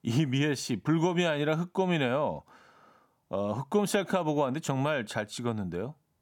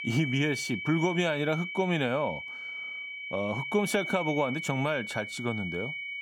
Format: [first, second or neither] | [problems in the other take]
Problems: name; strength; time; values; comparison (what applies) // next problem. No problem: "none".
first | high-pitched whine; loud; throughout; 2.5 kHz, 5 dB below the speech